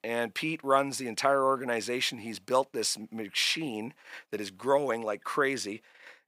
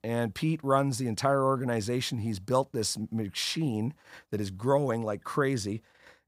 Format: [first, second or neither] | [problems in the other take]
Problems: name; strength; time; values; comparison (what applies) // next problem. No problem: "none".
second | thin; somewhat; fading below 350 Hz